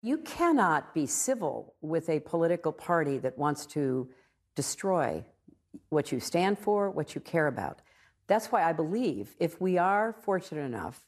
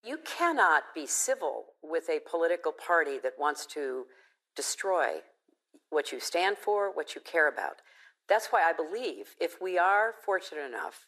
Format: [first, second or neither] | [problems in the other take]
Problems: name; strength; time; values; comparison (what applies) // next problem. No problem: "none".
first | thin; very; fading below 400 Hz